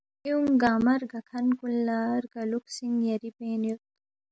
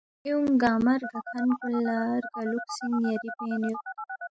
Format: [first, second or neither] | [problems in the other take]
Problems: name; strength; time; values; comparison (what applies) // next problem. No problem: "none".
first | noise reduction (classical method Wiener filter)